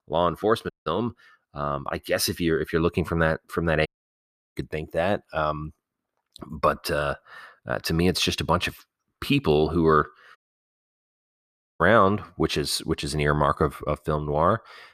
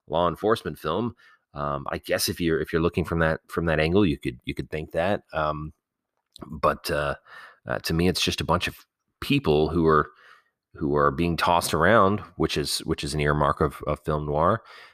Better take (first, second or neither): second